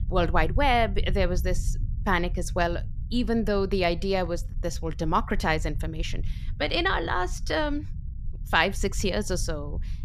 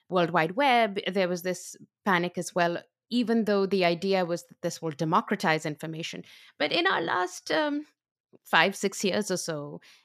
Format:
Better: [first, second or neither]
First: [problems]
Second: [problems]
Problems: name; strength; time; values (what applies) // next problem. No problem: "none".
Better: second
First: low rumble; faint; throughout; 25 dB below the speech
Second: none